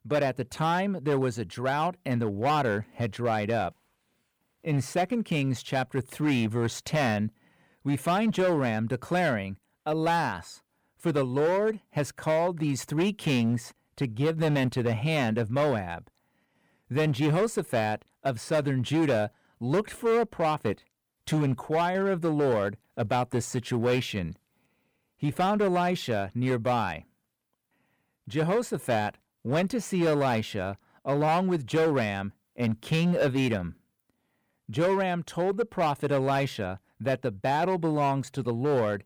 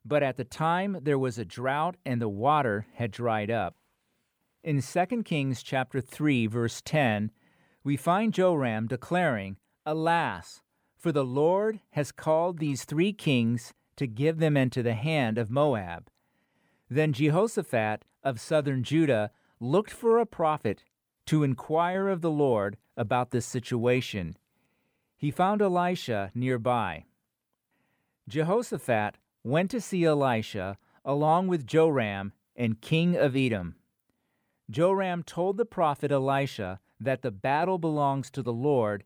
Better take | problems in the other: second | distortion; slight; 9% of the sound clipped

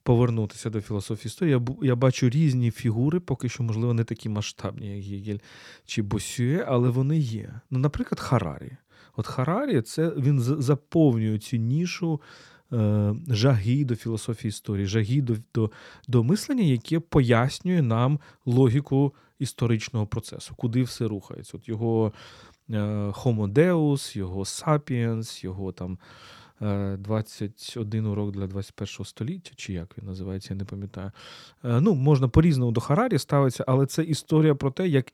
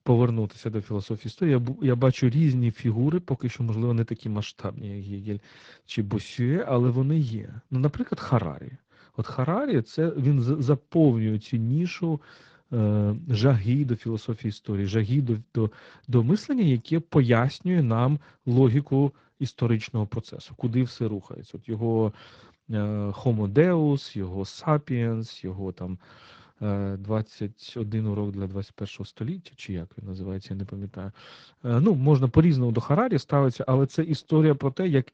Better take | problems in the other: first | garbled, watery; slightly

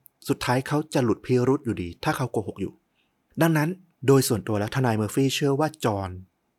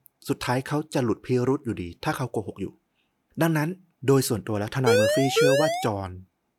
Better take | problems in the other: first | siren; loud; from 5 to 6 s; peak 5 dB above the speech

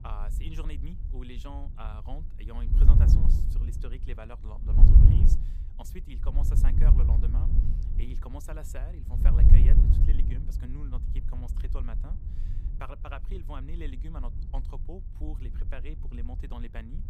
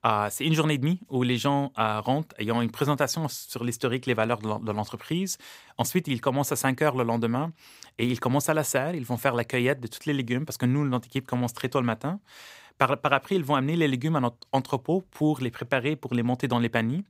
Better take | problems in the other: second | wind noise on the microphone; heavy; 3 dB above the speech

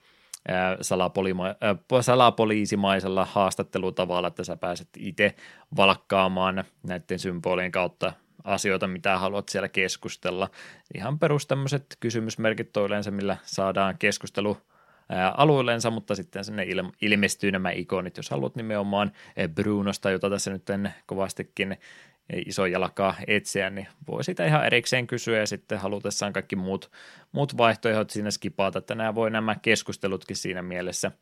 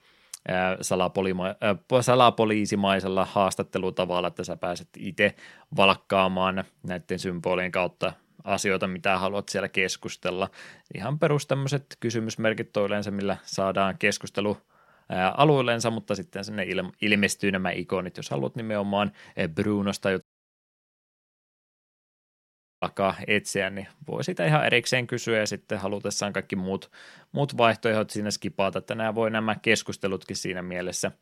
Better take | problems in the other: first | audio cutting out; at 20 s for 2.5 s

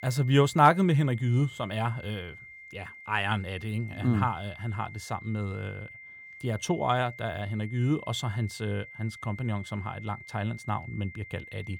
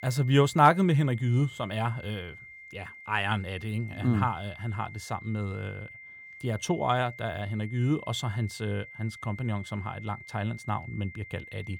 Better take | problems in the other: neither | high-pitched whine; noticeable; throughout; 2 kHz, 15 dB below the speech; the same in both

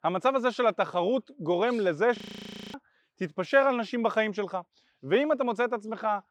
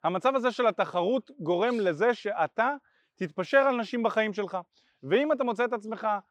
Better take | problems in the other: second | audio freezing; at 2 s for 0.5 s

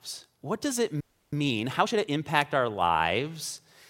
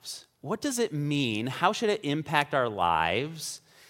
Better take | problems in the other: second | audio freezing; at 1 s

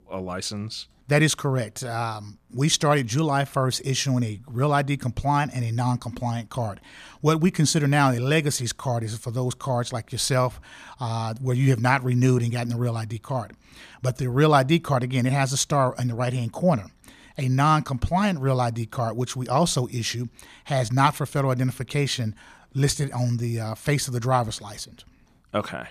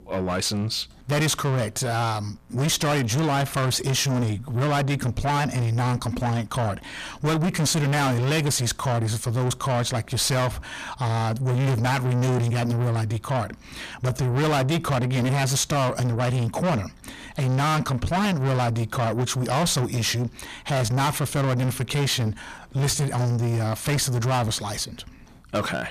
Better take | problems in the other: first | distortion; heavy; 6 dB below the speech

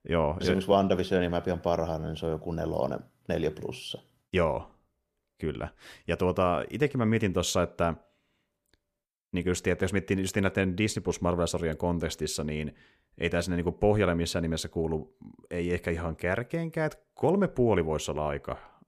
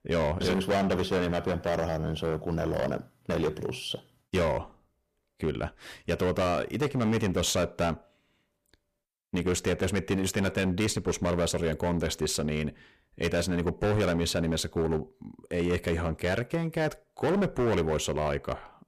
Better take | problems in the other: first | distortion; heavy; 14% of the sound clipped

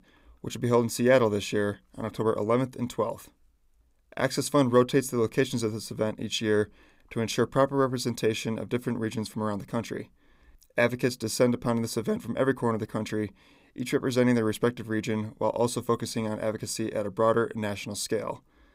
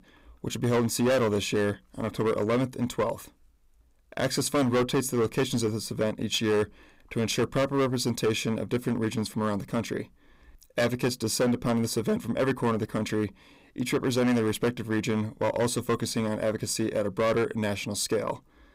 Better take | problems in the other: first | distortion; heavy; 9% of the sound clipped

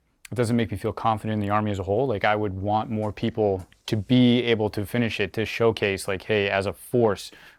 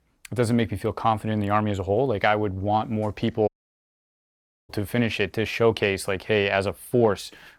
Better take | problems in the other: first | audio cutting out; at 3.5 s for 1 s

